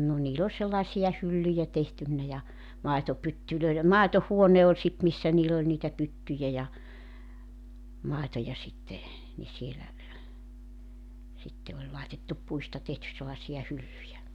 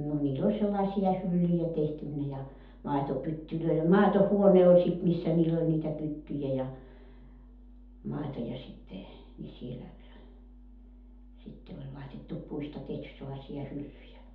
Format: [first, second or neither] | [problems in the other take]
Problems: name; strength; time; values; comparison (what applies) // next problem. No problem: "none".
first | room echo; dies away in 0.6 s